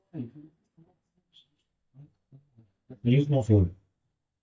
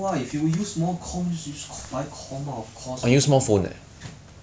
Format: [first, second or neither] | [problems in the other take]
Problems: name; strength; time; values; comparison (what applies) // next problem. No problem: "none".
second | noise reduction (neural mask model DeepFilterNet 3)